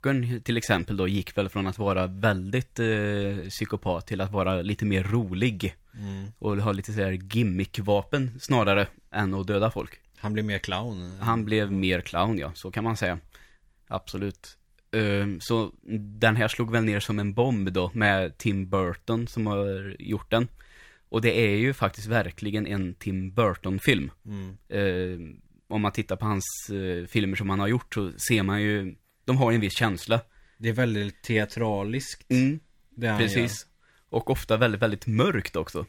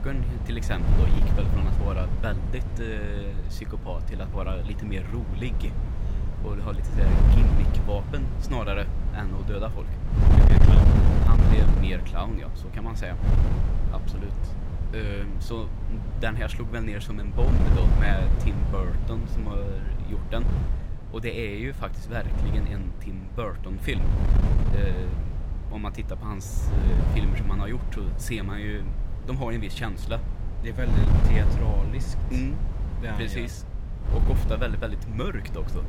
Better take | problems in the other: first | wind noise on the microphone; heavy; 2 dB below the speech

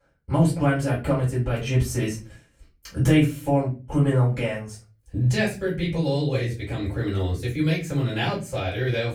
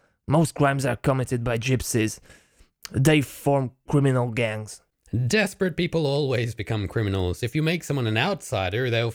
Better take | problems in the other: second | room echo; slight; dies away in 0.3 s // off-mic speech; far

